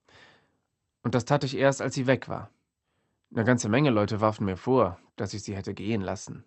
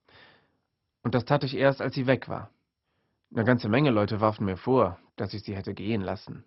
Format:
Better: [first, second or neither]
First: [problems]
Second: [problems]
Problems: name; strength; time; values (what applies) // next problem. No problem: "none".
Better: first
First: garbled, watery; slightly; nothing above 8 kHz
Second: garbled, watery; badly; nothing above 5.5 kHz